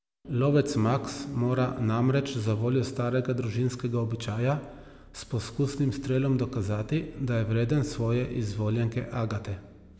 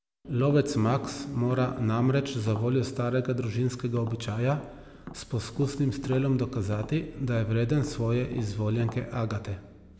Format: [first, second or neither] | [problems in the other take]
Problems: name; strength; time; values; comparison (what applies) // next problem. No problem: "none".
first | background sound (Tap); 19 dB below the speech